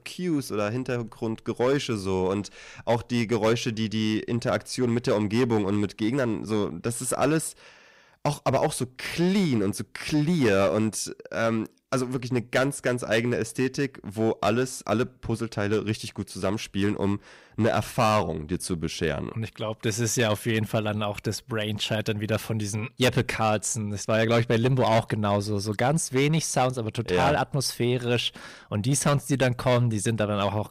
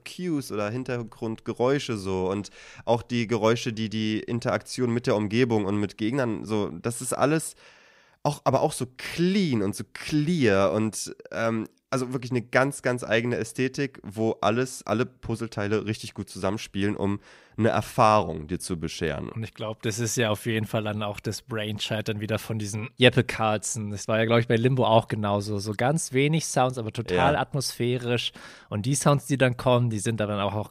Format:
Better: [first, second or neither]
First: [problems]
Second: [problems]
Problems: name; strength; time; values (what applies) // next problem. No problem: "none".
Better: second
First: distortion; slight; 5% of the sound clipped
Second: none